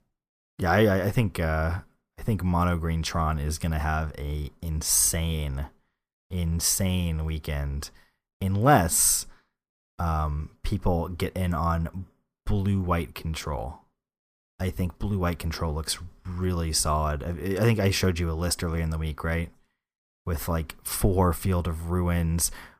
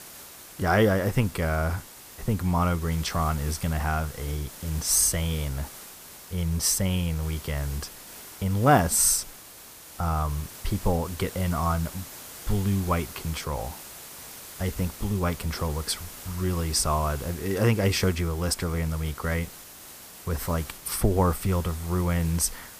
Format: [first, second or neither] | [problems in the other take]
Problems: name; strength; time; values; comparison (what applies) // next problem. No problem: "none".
first | hiss; noticeable; throughout; 15 dB below the speech